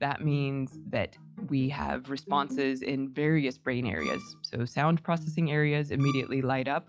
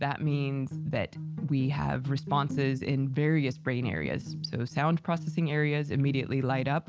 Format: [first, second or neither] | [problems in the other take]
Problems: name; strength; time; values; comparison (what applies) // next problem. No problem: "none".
second | noise reduction (classical method log-MMSE)